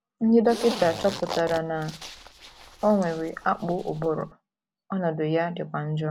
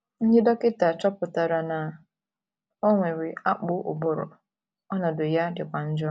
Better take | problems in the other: second | background sound (Zipper (clothing)); 12 dB below the speech

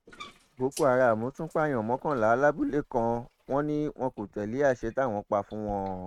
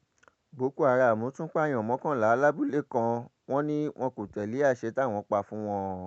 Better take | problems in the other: second | noise reduction (neural mask model RNNoise)

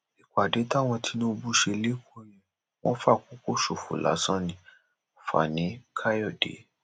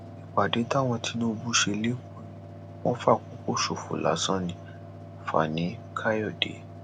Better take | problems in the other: first | background sound (Mechanical fan); 14 dB below the speech

